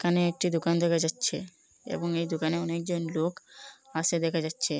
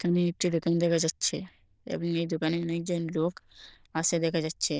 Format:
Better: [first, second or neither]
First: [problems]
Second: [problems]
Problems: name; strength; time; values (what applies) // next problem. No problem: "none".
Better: first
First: none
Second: noise reduction (neural diffusion model UNIVERSE++)